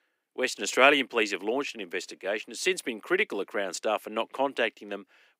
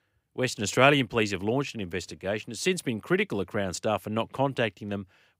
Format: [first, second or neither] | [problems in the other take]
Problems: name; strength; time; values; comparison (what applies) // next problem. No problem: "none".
second | thin; somewhat; fading below 300 Hz